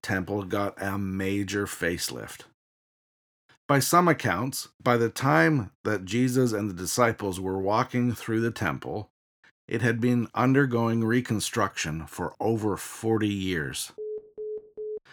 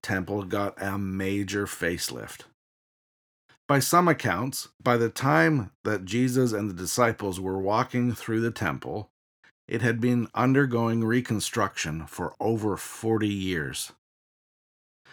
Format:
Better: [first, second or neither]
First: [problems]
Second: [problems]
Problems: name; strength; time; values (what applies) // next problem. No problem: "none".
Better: second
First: phone ringing; faint; from 14 s on; peak 10 dB below the speech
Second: none